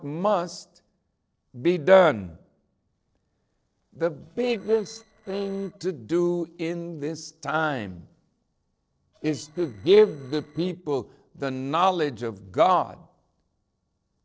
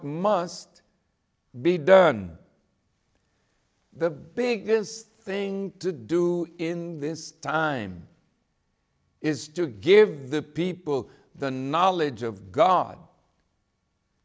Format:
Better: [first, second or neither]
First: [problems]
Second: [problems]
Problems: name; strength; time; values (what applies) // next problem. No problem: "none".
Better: second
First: noise reduction (neural separator model SepFormer DNS4)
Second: none